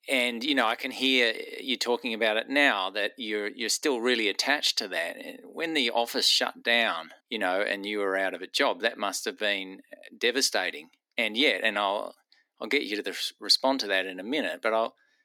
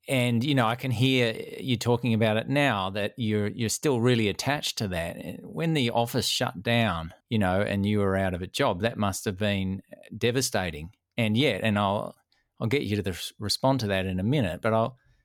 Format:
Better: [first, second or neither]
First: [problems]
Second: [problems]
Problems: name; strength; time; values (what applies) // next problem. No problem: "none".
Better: second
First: thin; somewhat; fading below 250 Hz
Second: none